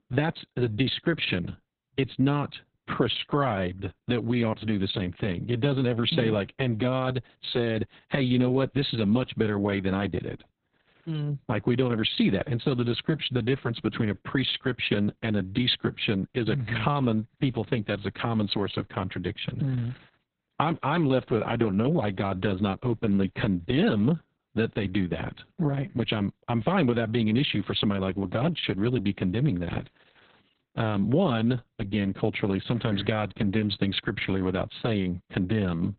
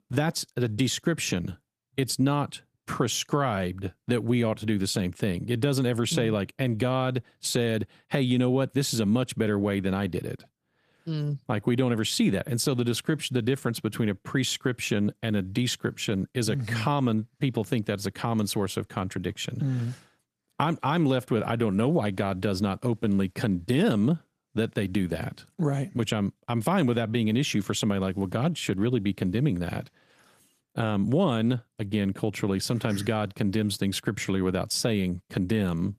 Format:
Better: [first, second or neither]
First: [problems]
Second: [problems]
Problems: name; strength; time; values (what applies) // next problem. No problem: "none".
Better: second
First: garbled, watery; badly; nothing above 4 kHz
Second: garbled, watery; slightly; nothing above 14.5 kHz